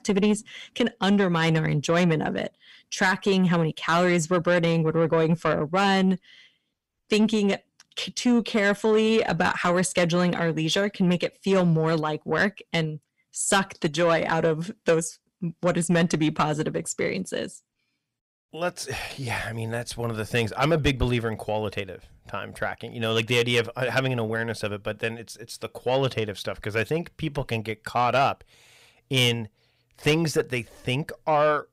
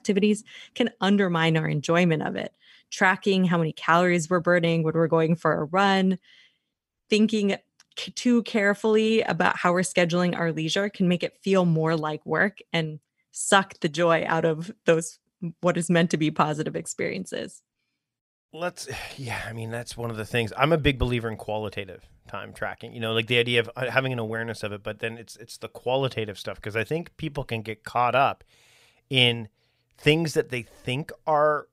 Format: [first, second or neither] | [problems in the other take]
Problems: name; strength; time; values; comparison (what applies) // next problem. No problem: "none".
second | distortion; slight; 10 dB below the speech